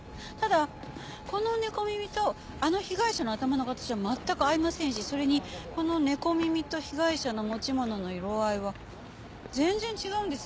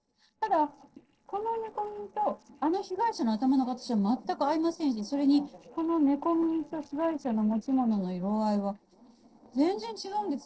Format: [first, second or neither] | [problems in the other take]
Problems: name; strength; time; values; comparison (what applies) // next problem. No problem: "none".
first | noise reduction (neural separator model SepFormer DNS4)